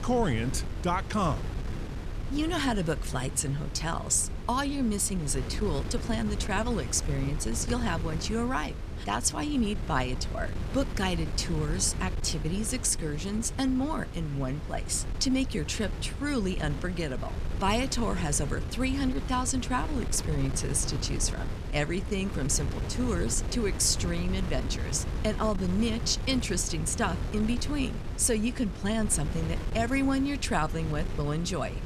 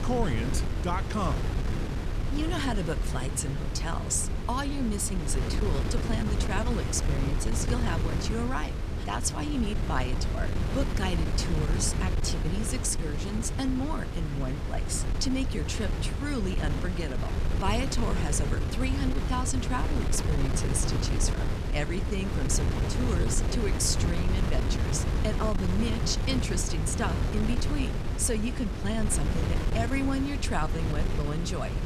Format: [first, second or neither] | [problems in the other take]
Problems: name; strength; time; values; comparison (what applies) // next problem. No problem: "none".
first | wind noise on the microphone; heavy; 4 dB below the speech; occasional gusts in the first